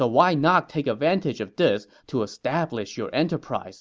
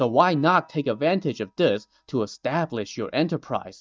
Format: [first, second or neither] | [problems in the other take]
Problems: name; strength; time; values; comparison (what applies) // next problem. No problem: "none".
first | noise reduction (neural mask model DeepFilterNet 3)